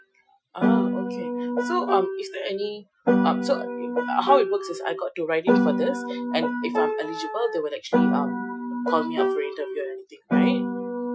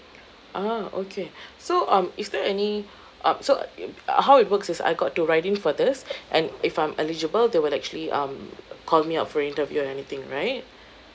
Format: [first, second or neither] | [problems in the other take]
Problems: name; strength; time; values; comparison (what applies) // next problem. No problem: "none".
second | noise reduction (classical method Wiener filter)